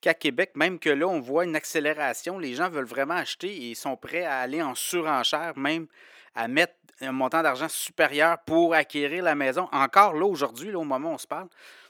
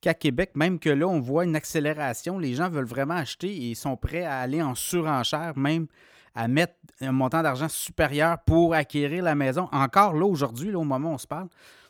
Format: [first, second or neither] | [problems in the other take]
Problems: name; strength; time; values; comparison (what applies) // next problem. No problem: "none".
second | thin; somewhat; fading below 400 Hz